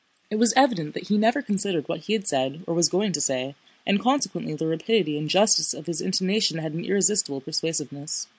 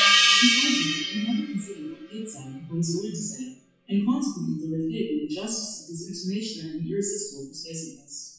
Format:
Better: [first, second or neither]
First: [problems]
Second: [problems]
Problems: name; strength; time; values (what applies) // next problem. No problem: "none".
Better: first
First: none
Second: noise reduction (classical method WPE with log-MMSE)